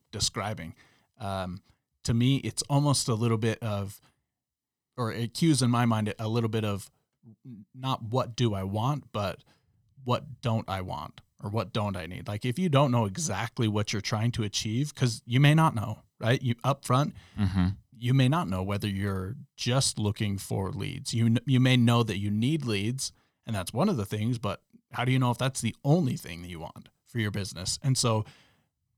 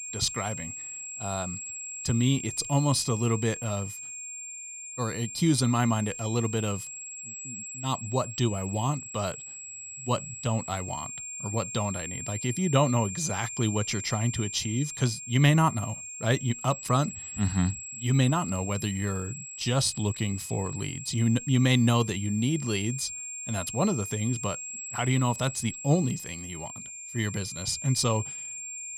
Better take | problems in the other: first | high-pitched whine; loud; throughout; 7.5 kHz, 8 dB below the speech

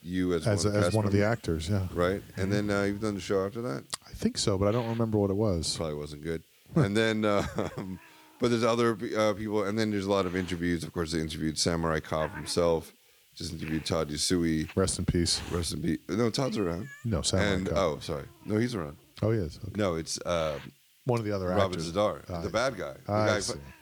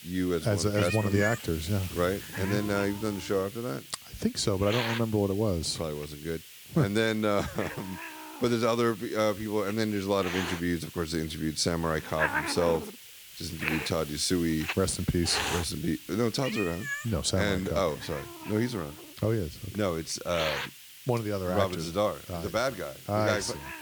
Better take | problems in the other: first | hiss; loud; throughout; 9 dB below the speech; faint in the first

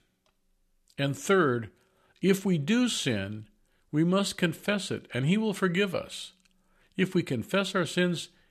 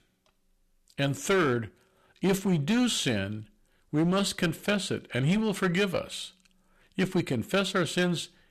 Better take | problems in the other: first | distortion; slight; 7% of the sound clipped

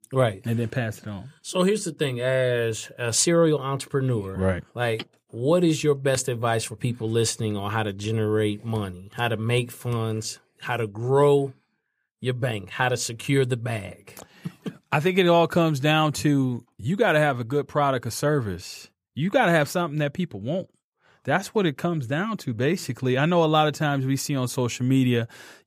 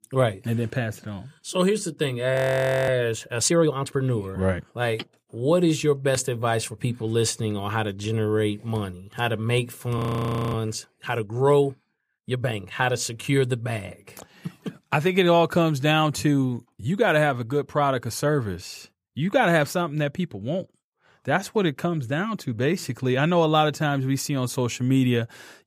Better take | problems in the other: first | audio freezing; at 2.5 s for 0.5 s and at 10 s for 0.5 s

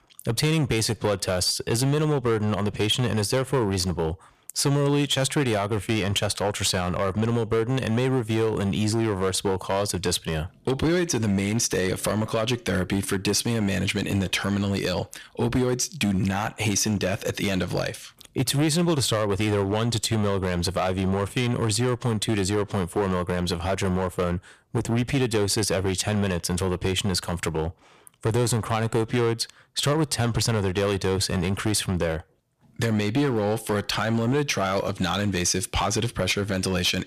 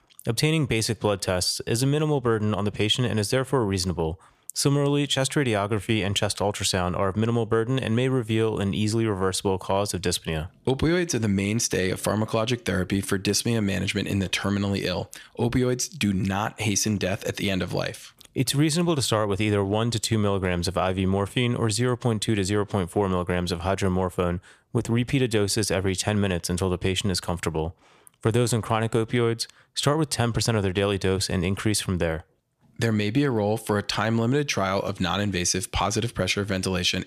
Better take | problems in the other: second | distortion; slight; 8% of the sound clipped

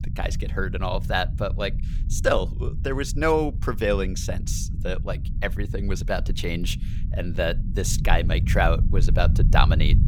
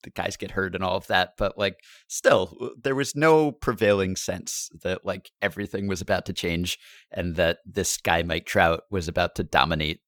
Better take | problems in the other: second | low rumble; noticeable; throughout; 15 dB below the speech

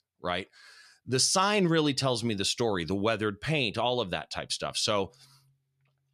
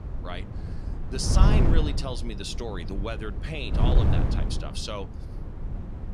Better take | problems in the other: first | wind noise on the microphone; heavy; 4 dB below the speech

